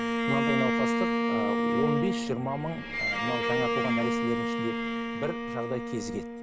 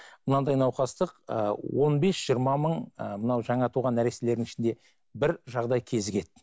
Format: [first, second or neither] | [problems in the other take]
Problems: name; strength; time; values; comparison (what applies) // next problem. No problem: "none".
second | background sound (Bowed string instrument); 5 dB above the speech